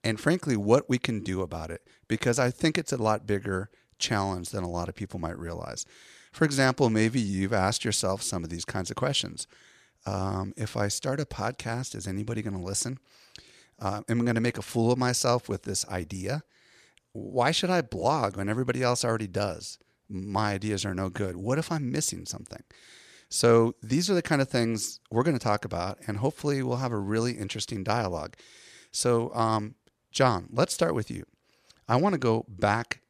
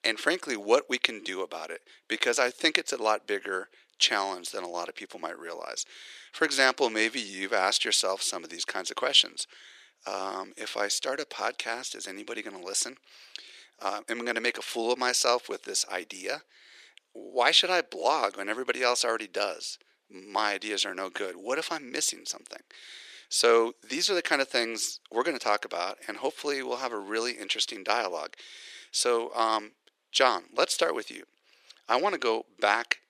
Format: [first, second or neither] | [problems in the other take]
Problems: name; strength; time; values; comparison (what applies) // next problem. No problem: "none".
first | thin; very; fading below 350 Hz